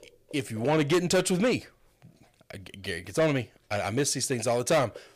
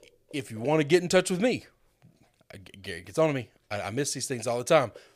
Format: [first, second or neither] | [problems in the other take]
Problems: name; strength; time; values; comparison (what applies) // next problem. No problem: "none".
second | distortion; heavy; 8 dB below the speech